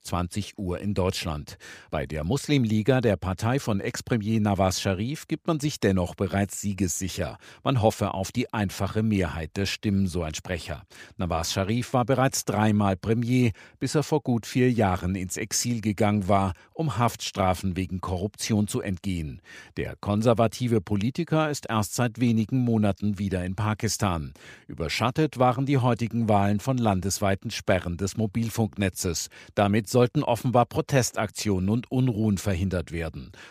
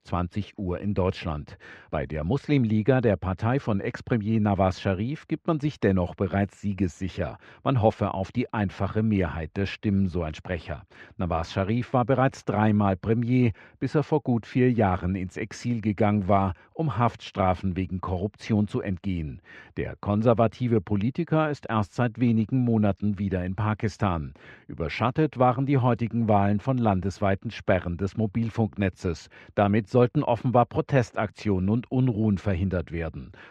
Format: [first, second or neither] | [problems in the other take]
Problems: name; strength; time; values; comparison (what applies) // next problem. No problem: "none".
first | muffled; very; fading above 2.5 kHz